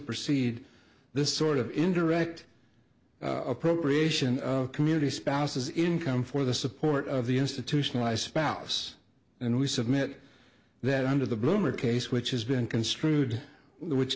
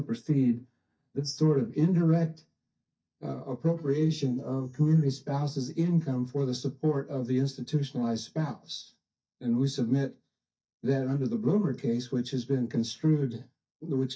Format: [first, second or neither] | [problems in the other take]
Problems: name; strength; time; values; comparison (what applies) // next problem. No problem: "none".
first | noise reduction (neural mask model DeepFilterNet 3)